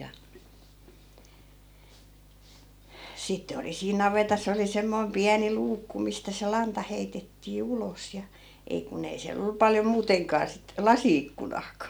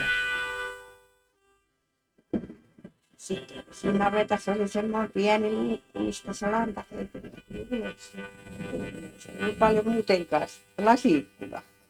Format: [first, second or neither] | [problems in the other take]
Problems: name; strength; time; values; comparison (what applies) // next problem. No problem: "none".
first | noise reduction (neural mask model RNNoise)